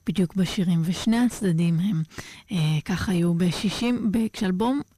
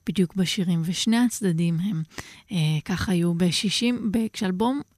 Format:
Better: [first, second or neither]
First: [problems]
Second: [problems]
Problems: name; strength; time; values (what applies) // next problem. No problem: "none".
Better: second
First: distortion; slight; 9 dB below the speech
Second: none